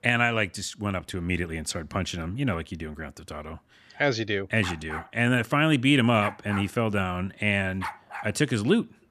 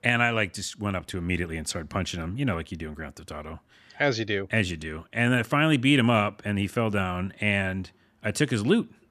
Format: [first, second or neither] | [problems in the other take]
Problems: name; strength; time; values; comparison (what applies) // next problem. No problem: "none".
second | dog barking; noticeable; from 4.5 to 8.5 s; peak 9 dB below the speech